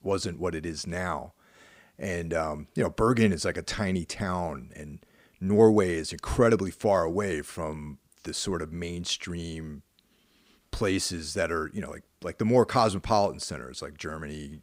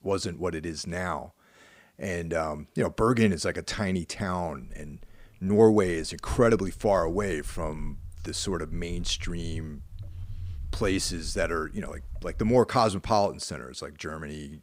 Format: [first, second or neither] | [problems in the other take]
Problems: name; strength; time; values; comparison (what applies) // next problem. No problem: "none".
first | footsteps; faint; from 4.5 to 13 s; peak 10 dB below the speech